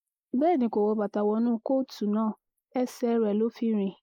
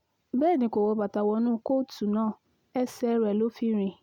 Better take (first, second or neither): second